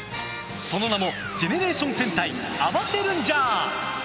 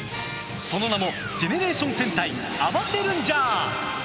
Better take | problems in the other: first | background sound (Guitar); 13 dB below the speech

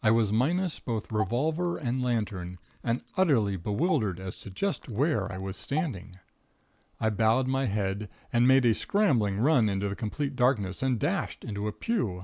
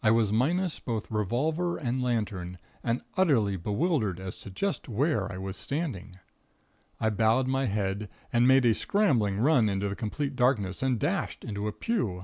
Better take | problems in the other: second | noise reduction (neural mask model Resemble Enhance denoiser)

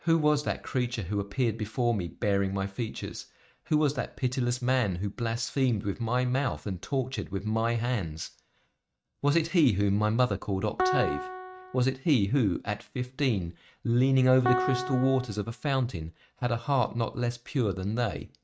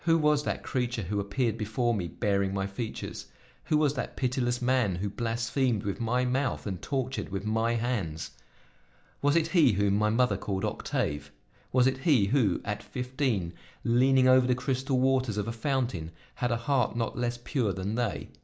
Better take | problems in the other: second | noise reduction (neural mask model RNNoise)

